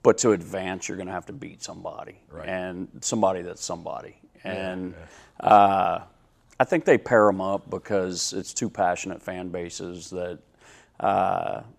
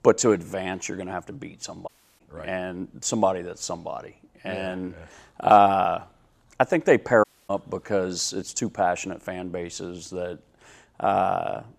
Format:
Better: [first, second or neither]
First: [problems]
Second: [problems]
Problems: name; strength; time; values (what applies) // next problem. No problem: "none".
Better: first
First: none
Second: audio cutting out; at 2 s and at 7 s